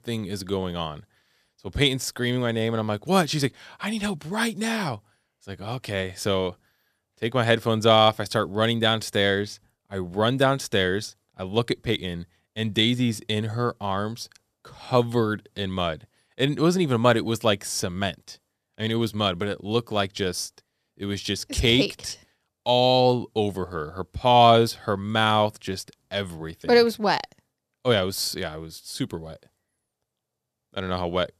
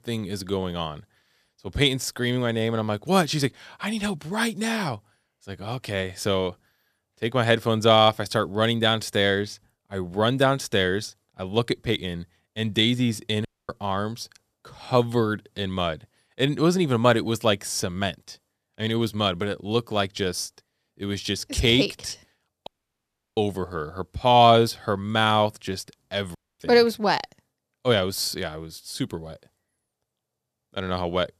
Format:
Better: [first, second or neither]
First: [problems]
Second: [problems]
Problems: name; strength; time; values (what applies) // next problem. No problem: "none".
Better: first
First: none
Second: audio cutting out; at 13 s, at 23 s for 0.5 s and at 26 s